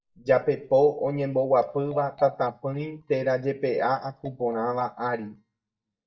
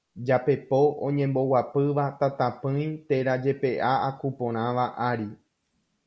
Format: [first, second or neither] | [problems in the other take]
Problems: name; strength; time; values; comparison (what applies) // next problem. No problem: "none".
second | noise reduction (neural mask model DeepFilterNet 3)